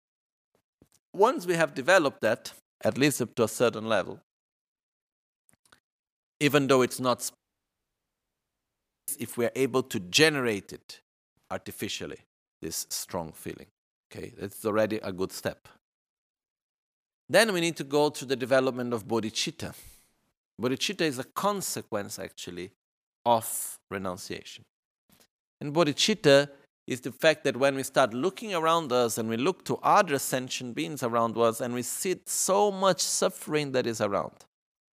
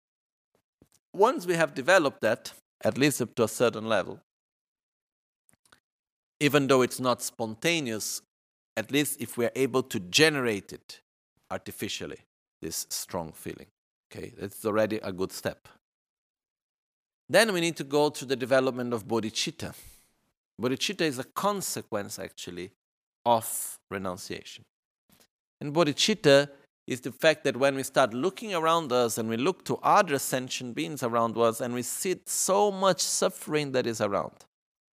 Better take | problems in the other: second | audio cutting out; at 7.5 s for 1.5 s

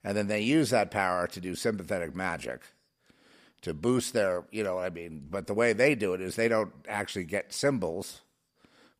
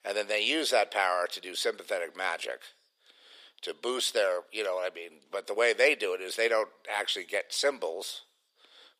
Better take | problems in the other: first | thin; very; fading below 400 Hz

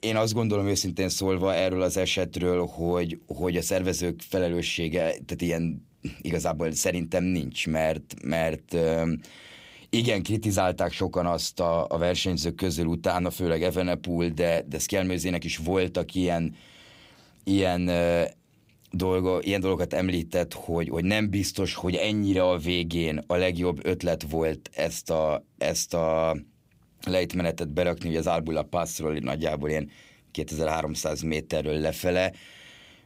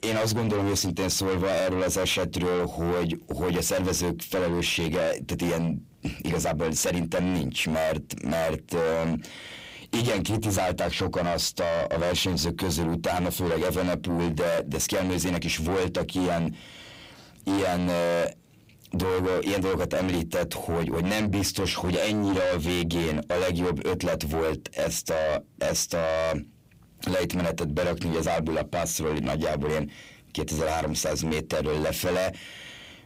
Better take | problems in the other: first | distortion; heavy; 6 dB below the speech

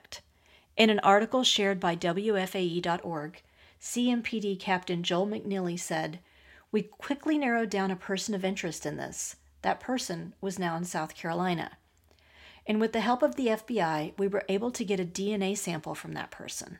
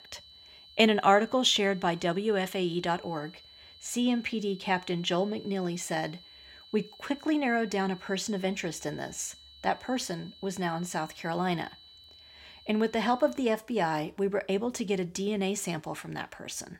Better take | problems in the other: first | high-pitched whine; faint; until 13 s; 4 kHz, 20 dB below the speech

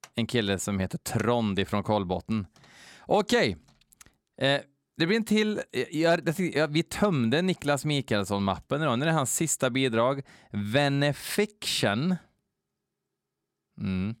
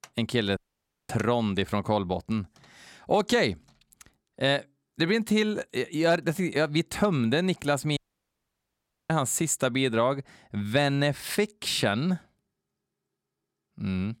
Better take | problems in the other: first | audio cutting out; at 0.5 s for 0.5 s and at 8 s for 1 s

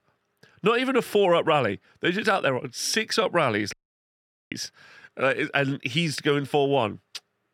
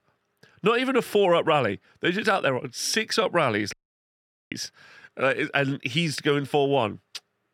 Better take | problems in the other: neither | audio cutting out; at 3.5 s for 1 s; the same in both

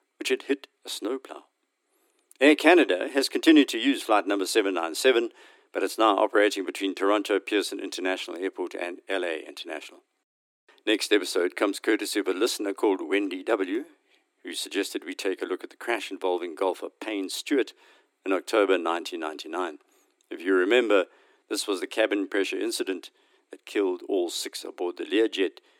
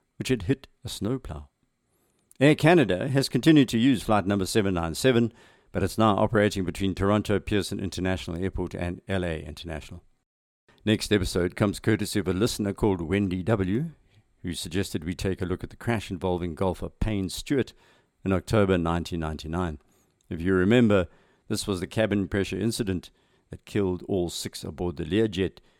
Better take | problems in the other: second | thin; somewhat; fading below 300 Hz

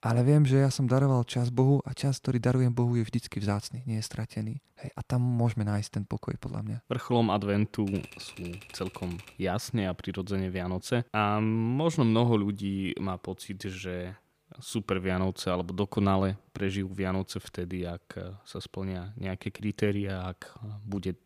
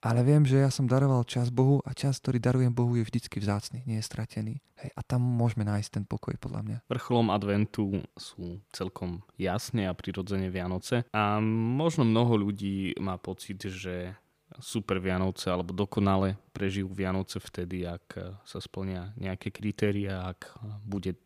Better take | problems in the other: second | keyboard typing; faint; from 8 to 9.5 s; peak 15 dB below the speech

